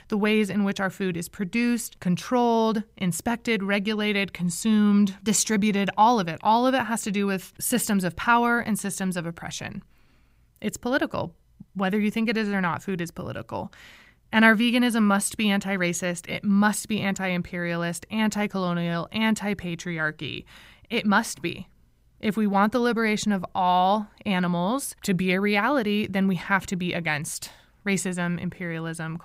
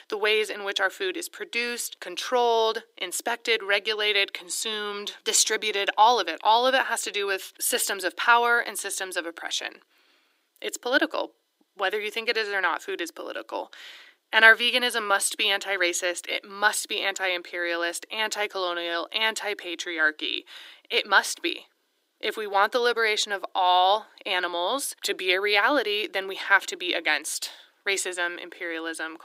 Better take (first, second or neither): first